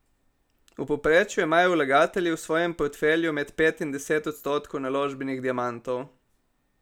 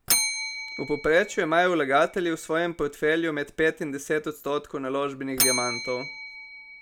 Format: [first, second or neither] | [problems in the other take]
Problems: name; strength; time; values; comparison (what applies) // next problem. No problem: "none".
first | background sound (Bell); 6 dB below the speech